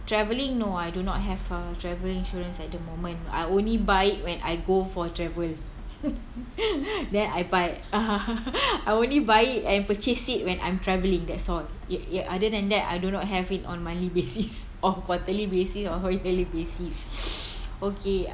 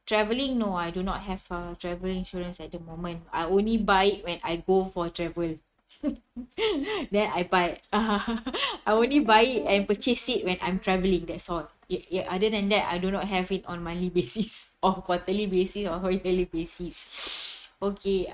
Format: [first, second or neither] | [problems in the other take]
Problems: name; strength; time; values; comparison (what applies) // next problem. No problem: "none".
first | noise reduction (neural mask model RNNoise)